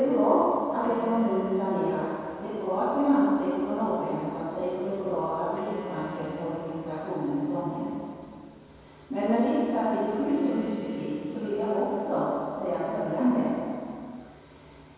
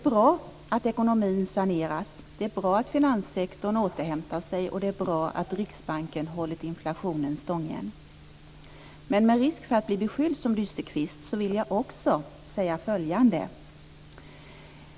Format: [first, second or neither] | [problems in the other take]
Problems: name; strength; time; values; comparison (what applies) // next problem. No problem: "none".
second | background sound (Bowed string instrument); 19 dB below the speech // room echo; dies away in 2.2 s